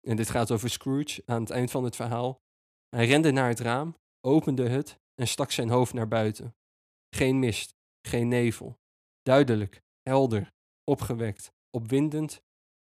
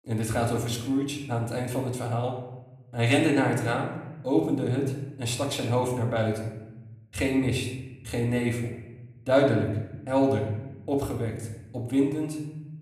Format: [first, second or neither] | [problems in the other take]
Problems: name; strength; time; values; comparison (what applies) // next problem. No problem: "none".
first | room echo; slight; dies away in 0.9 s // off-mic speech; somewhat distant